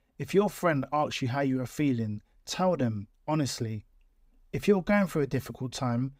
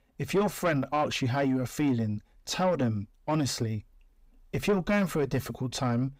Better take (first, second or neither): first